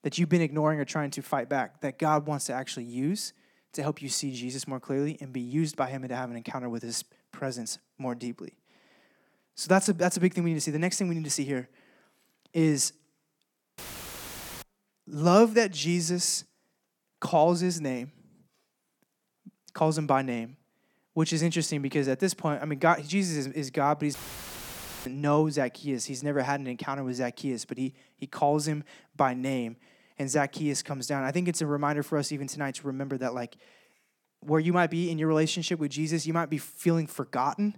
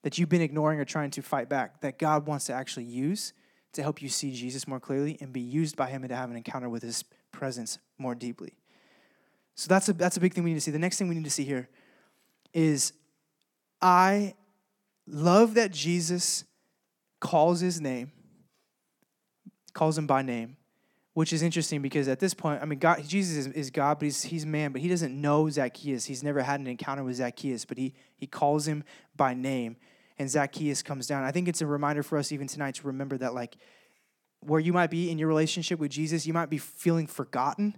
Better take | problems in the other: second | audio cutting out; filled with static; at 14 s for 1 s and at 24 s for 1 s

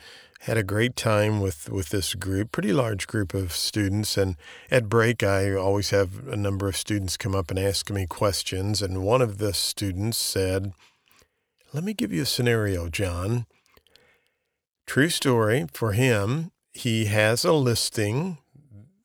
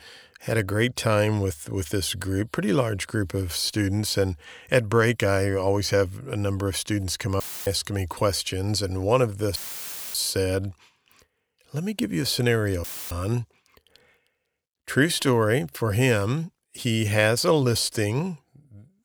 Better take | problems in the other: first | audio cutting out; filled with static; at 7.5 s, at 9.5 s for 0.5 s and at 13 s

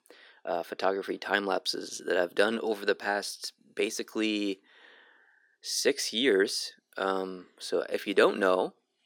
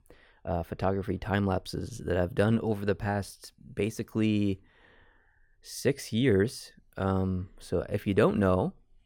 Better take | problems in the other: second | thin; somewhat; fading below 300 Hz

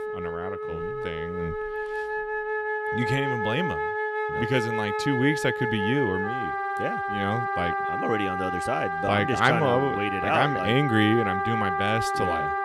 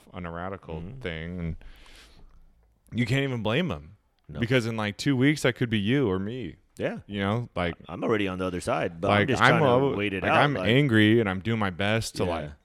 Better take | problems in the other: second | background music; loud; throughout; 1 dB below the speech

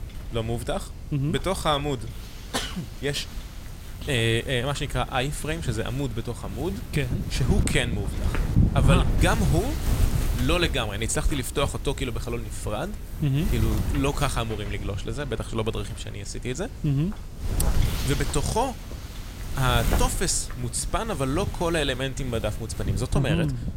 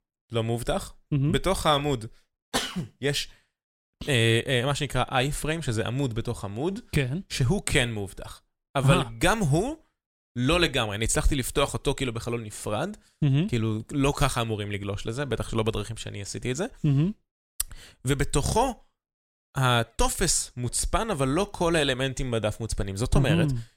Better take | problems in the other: second | wind noise on the microphone; occasional gusts; 10 dB below the speech

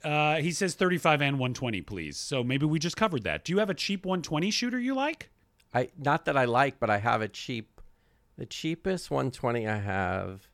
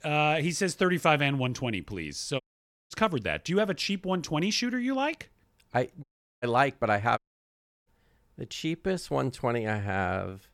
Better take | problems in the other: first | audio cutting out; at 2.5 s for 0.5 s, at 6 s and at 7 s for 0.5 s

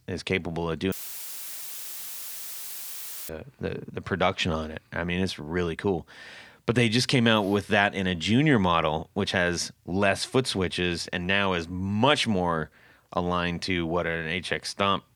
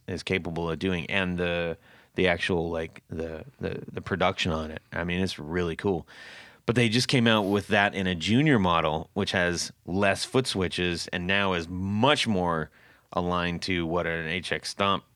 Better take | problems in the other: second | audio cutting out; filled with static; at 1 s for 2.5 s

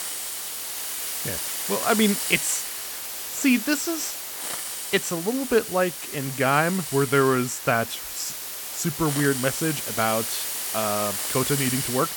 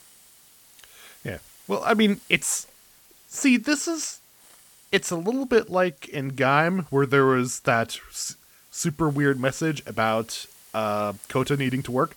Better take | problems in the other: second | hiss; loud; throughout; 4 dB below the speech; faint in the second

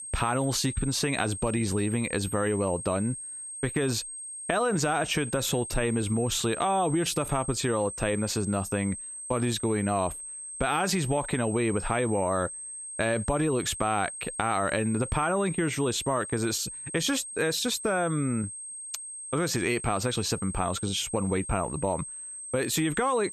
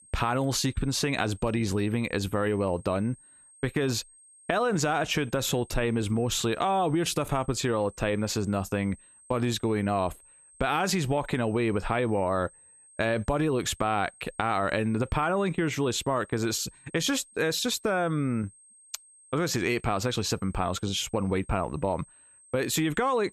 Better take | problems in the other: second | high-pitched whine; loud; throughout; 8.5 kHz, 8 dB below the speech; faint in the second

